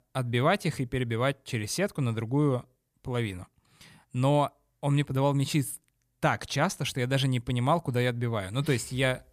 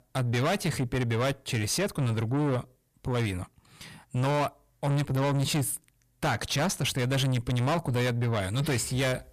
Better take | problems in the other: first | distortion; heavy; 6 dB below the speech

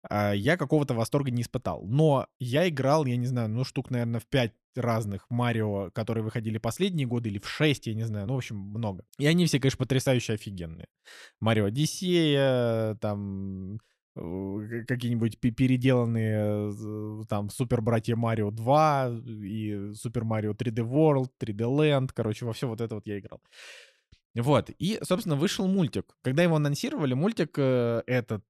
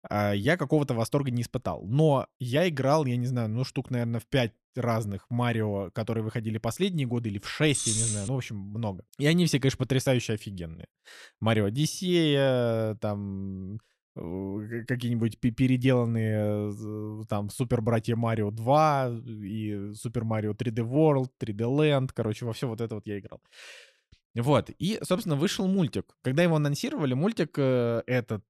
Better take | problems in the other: first | jangling keys; loud; at 7.5 s; peak 2 dB above the speech

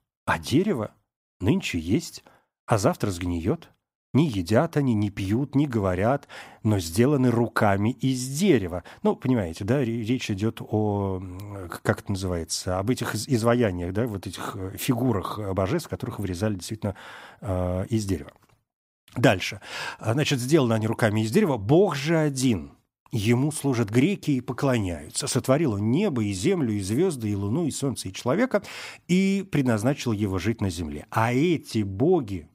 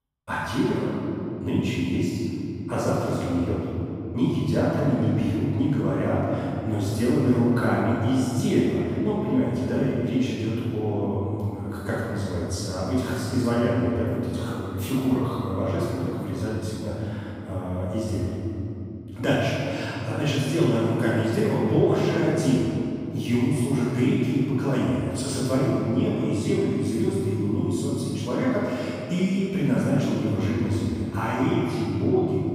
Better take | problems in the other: first | room echo; strong; dies away in 3 s // off-mic speech; far

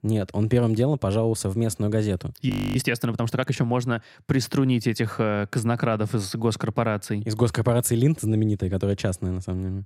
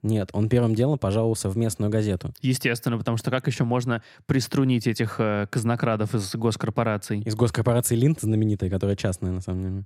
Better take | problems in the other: second | audio freezing; at 2.5 s

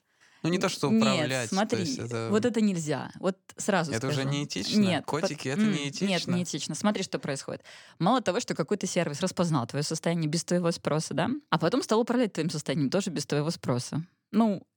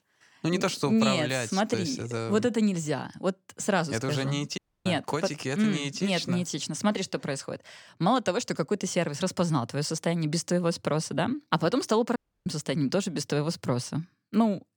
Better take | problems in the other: first | audio cutting out; at 4.5 s and at 12 s

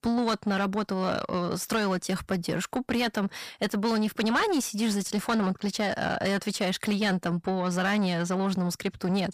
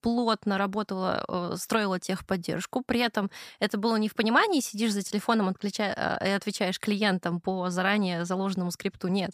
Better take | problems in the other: second | distortion; slight; 10 dB below the speech

